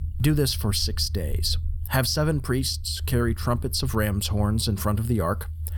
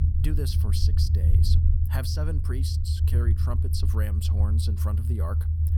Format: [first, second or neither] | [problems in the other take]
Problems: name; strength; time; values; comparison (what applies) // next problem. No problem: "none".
first | low rumble; loud; throughout; 2 dB below the speech; faint in the first